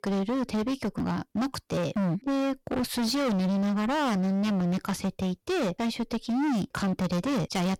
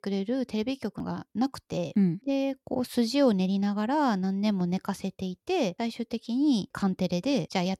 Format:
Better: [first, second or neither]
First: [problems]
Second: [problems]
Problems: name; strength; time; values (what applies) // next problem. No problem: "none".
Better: second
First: distortion; heavy; 37% of the sound clipped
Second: none